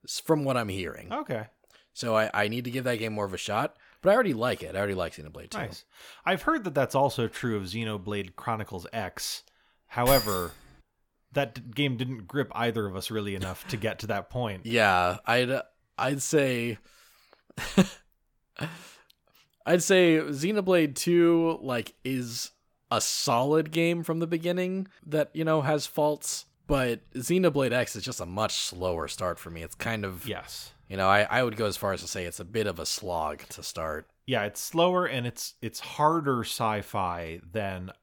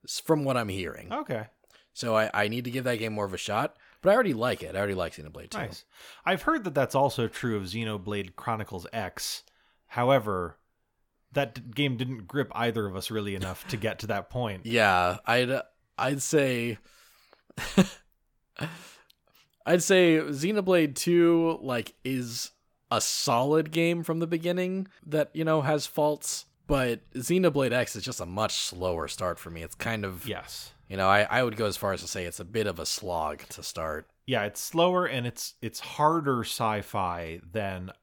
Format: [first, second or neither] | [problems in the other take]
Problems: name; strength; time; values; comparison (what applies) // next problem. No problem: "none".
second | jangling keys; noticeable; at 10 s; peak level with the speech